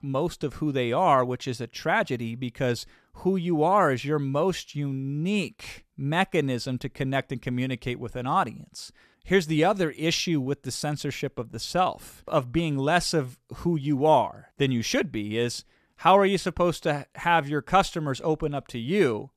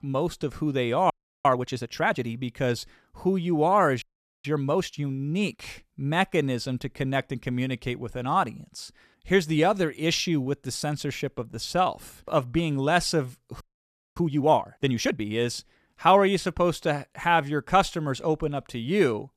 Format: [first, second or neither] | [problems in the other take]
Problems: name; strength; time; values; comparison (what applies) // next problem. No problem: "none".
first | audio freezing; at 1 s, at 4 s and at 14 s for 0.5 s